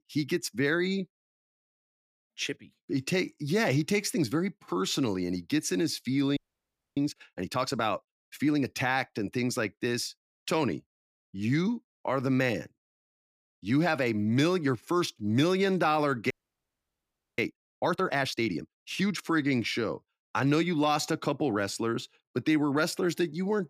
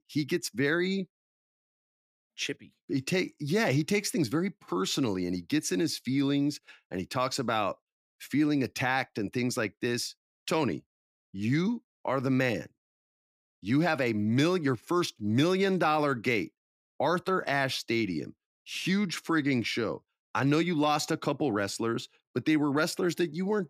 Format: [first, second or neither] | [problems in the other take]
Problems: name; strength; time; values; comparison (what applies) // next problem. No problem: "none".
second | audio freezing; at 6.5 s for 0.5 s and at 16 s for 1 s